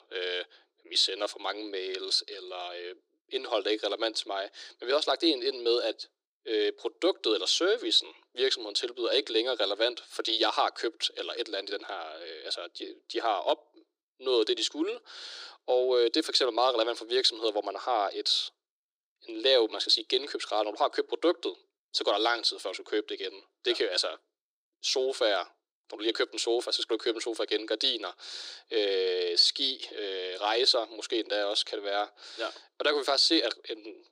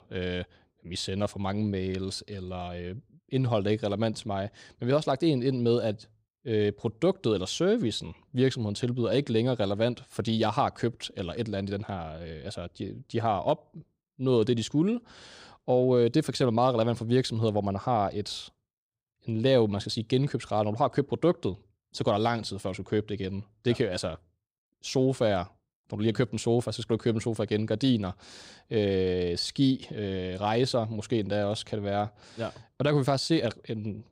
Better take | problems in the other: second | thin; very; fading below 300 Hz

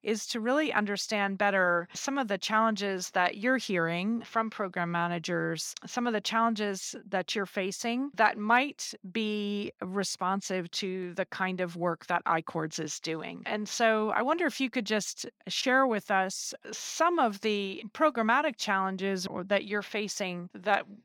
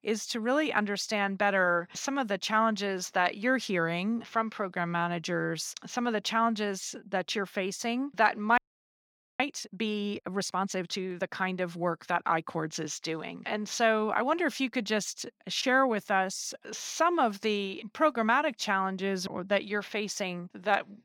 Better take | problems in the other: first | audio freezing; at 8.5 s for 1 s

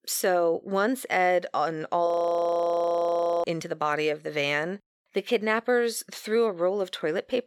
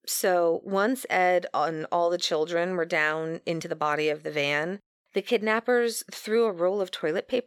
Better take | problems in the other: second | audio freezing; at 2 s for 1.5 s

